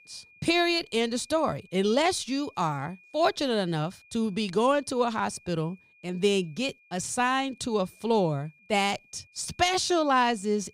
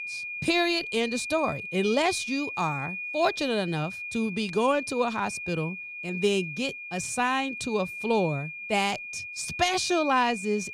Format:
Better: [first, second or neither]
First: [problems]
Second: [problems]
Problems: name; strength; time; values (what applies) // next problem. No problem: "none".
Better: first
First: high-pitched whine; faint; throughout; 2.5 kHz, 30 dB below the speech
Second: high-pitched whine; loud; throughout; 2.5 kHz, 7 dB below the speech